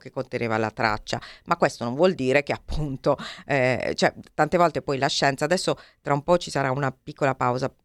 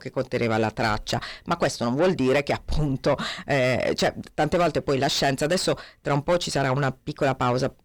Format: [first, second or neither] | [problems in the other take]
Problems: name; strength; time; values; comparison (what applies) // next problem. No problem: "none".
first | distortion; heavy; 6 dB below the speech